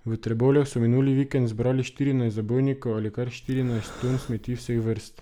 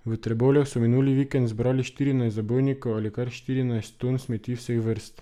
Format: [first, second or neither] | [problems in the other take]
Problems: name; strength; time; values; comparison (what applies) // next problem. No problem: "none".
second | background sound (Breathing); 17 dB below the speech